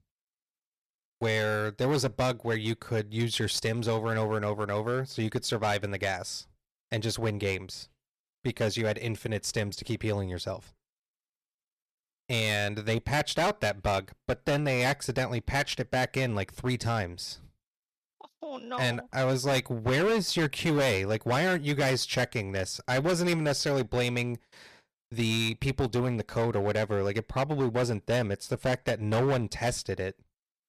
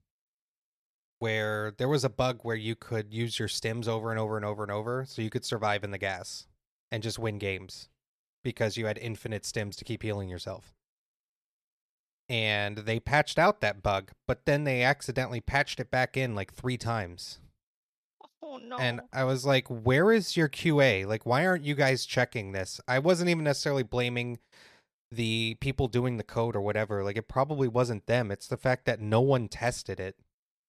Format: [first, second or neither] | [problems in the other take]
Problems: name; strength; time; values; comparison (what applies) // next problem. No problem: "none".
second | distortion; heavy; 11% of the sound clipped